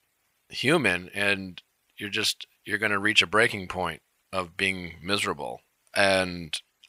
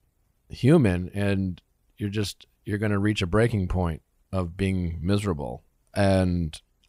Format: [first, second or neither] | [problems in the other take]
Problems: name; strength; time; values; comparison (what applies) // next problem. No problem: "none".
second | thin; somewhat; fading below 1 kHz